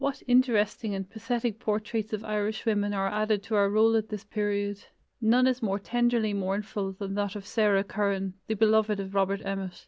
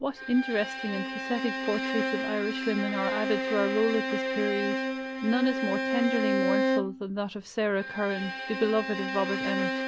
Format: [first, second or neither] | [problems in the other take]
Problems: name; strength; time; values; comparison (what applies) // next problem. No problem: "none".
first | background sound (Bowed string instrument); 1 dB below the speech